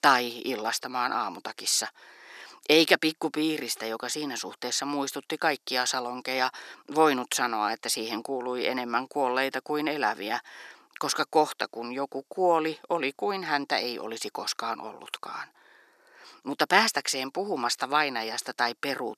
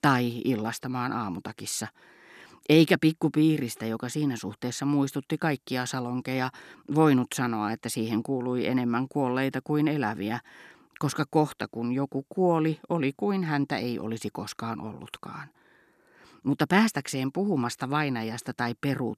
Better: second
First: thin; somewhat; fading below 600 Hz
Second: none

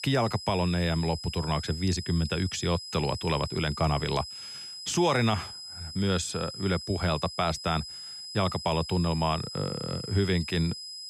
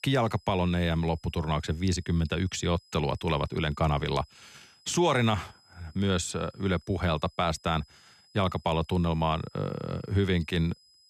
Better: second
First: high-pitched whine; loud; throughout; 5 kHz, 9 dB below the speech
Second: high-pitched whine; faint; throughout; 5 kHz, 30 dB below the speech

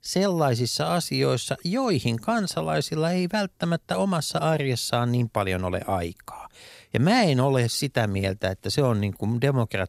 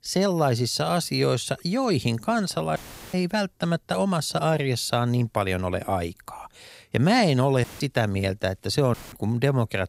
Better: first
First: none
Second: audio cutting out; filled with static; at 3 s, at 7.5 s and at 9 s

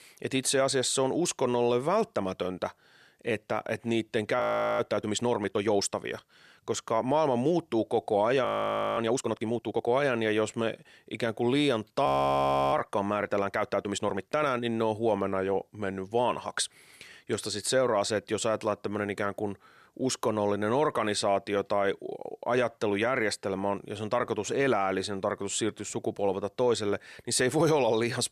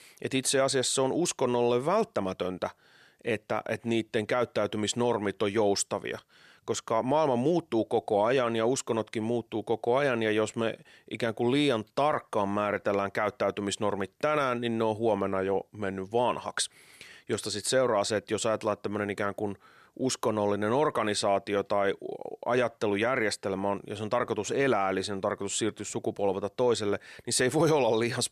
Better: second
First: audio freezing; at 4.5 s, at 8.5 s for 0.5 s and at 12 s for 0.5 s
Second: none

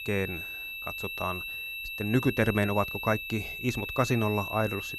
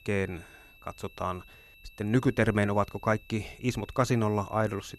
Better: second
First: high-pitched whine; loud; throughout; 2.5 kHz, 5 dB below the speech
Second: high-pitched whine; faint; throughout; 2.5 kHz, 25 dB below the speech

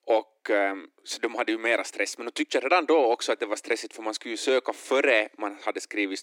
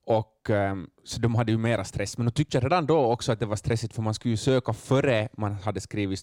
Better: second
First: thin; very; fading below 300 Hz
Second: none

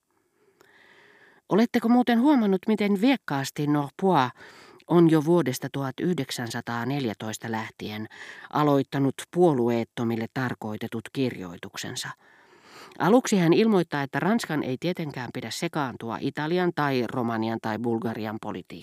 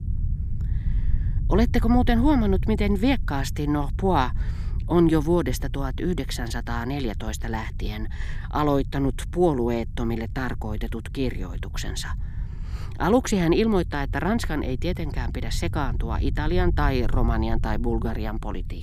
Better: first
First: none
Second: low rumble; noticeable; throughout; 20 dB below the speech

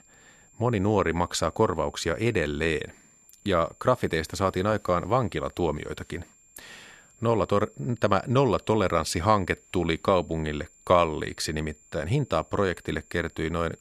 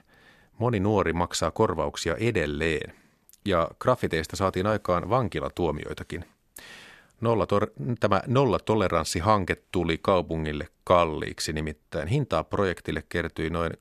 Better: second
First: high-pitched whine; faint; throughout; 7.5 kHz, 30 dB below the speech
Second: none

